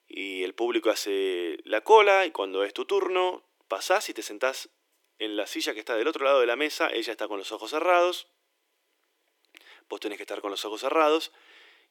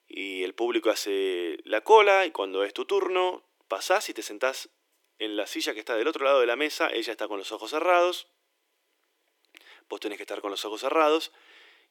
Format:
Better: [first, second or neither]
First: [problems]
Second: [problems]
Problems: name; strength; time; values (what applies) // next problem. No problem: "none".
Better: neither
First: thin; very; fading below 300 Hz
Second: thin; very; fading below 300 Hz